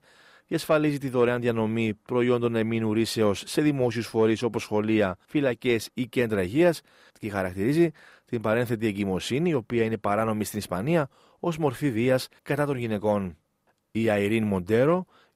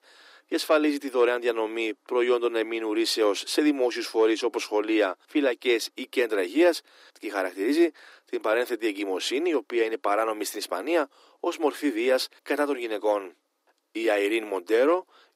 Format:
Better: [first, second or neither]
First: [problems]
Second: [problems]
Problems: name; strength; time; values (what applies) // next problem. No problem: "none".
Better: first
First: none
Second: thin; very slightly; fading below 300 Hz